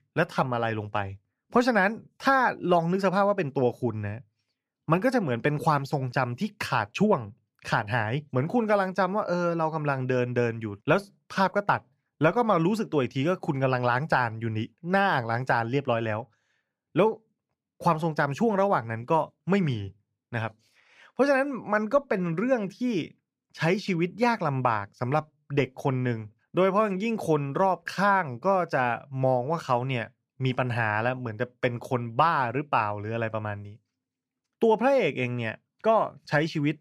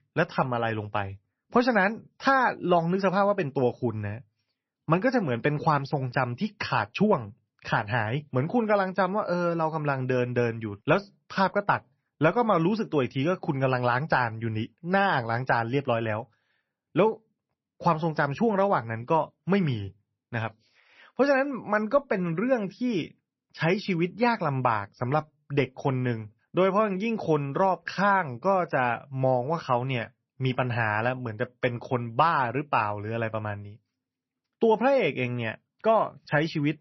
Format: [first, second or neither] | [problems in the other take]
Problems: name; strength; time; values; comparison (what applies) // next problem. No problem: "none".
first | garbled, watery; slightly; nothing above 6 kHz